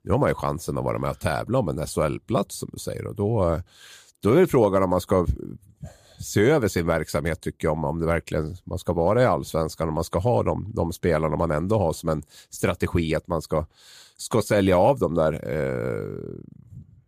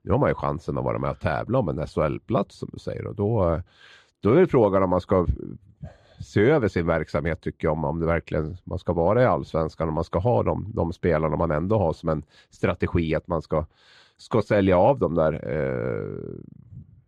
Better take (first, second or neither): first